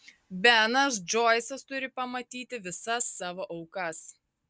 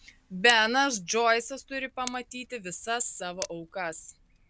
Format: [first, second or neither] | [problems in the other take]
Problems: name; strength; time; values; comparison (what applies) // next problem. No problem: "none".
first | background sound (Tick); 18 dB below the speech